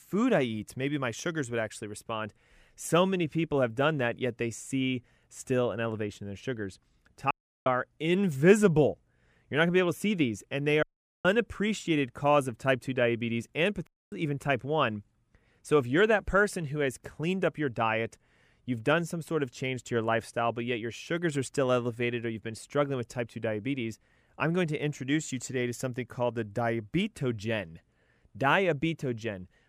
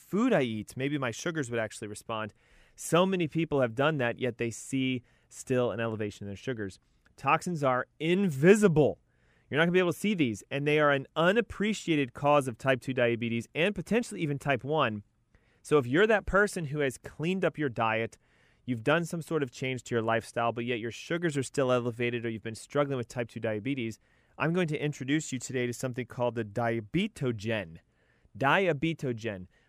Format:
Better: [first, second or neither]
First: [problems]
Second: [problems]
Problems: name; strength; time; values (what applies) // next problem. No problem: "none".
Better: second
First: audio cutting out; at 7.5 s, at 11 s and at 14 s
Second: none